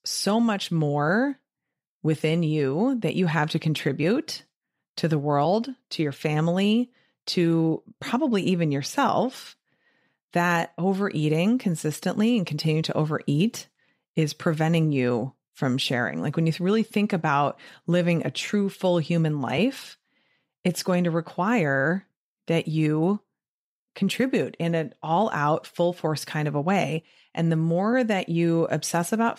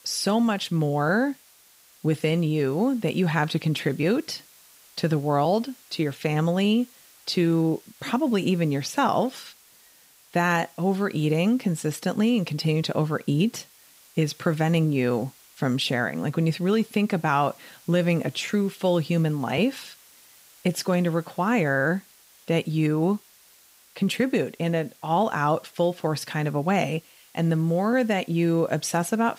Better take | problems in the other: first | hiss; faint; throughout; 25 dB below the speech

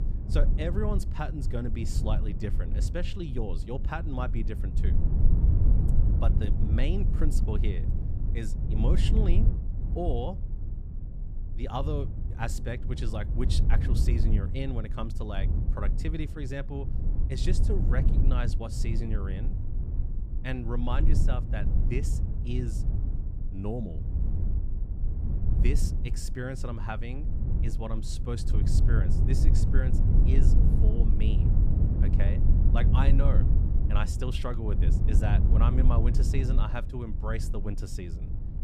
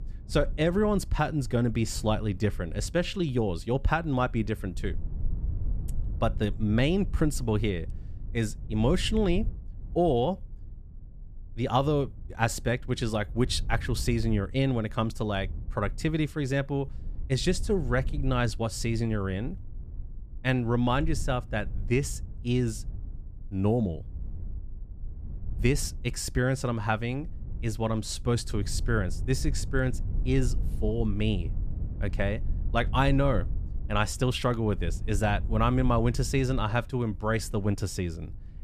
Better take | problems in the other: second | low rumble; loud; throughout; 5 dB below the speech; faint in the second

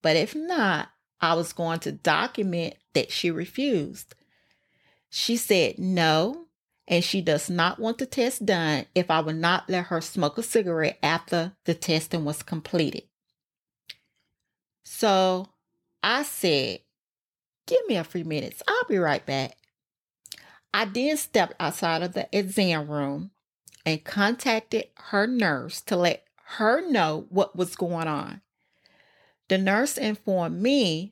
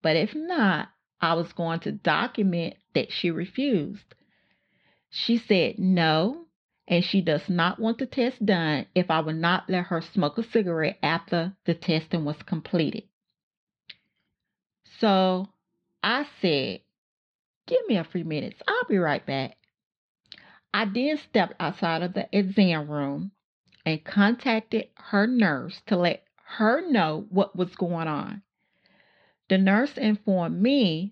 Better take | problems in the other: first | muffled; very slightly; fading above 4 kHz

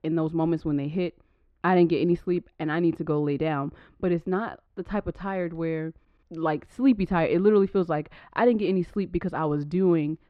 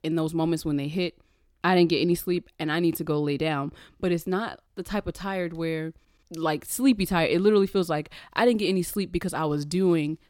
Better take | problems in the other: second | muffled; very; fading above 2 kHz

